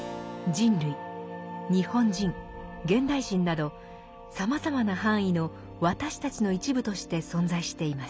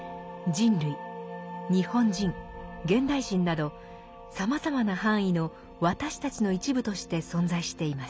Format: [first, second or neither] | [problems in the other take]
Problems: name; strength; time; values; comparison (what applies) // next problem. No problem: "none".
second | background sound (Bowed string instrument + Keyboard (musical)); 19 dB below the speech